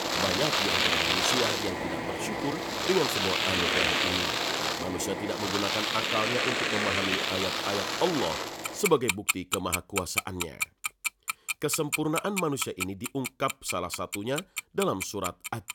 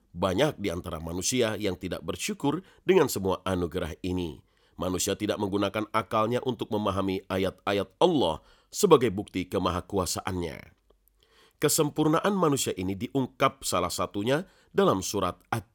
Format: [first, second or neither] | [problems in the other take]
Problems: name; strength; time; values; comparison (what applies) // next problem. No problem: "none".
second | household noises; very loud; throughout; 4 dB above the speech